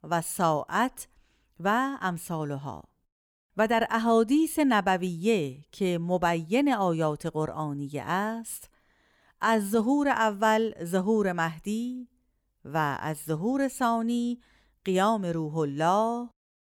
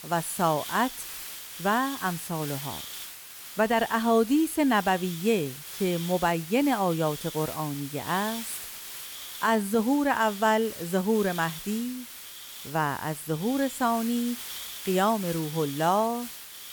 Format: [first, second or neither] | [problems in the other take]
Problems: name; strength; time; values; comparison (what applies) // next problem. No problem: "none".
first | hiss; noticeable; throughout; 10 dB below the speech